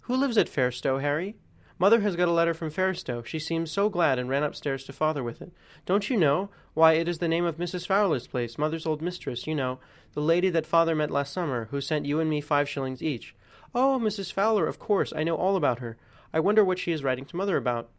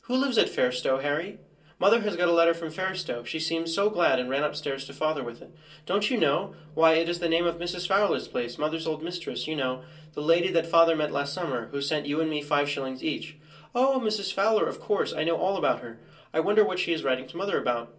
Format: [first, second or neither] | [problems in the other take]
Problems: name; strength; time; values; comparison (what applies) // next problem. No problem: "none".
first | room echo; dies away in 0.2 s